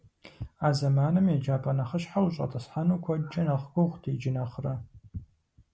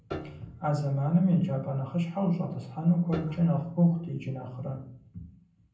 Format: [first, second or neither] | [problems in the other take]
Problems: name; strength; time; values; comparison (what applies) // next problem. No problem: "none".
first | background sound (Piano); 17 dB below the speech // room echo; dies away in 0.6 s